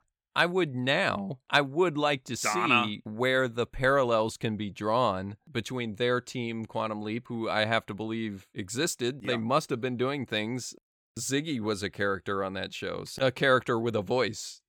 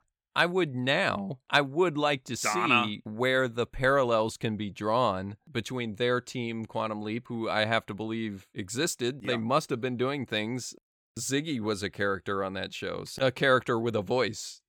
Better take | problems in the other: neither | none

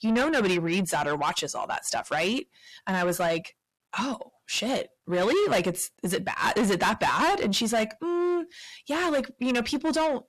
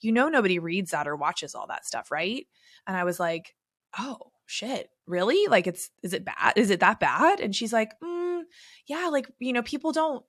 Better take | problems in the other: second | distortion; heavy; 6 dB below the speech

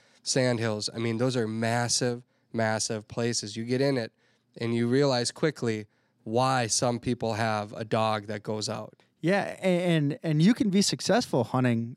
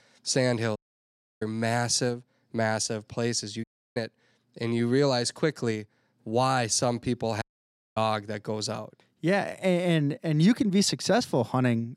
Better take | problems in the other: first | audio cutting out; at 1 s for 0.5 s, at 3.5 s and at 7.5 s for 0.5 s

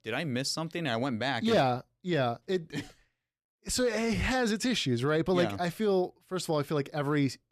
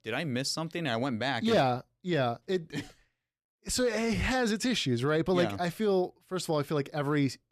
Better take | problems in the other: neither | none

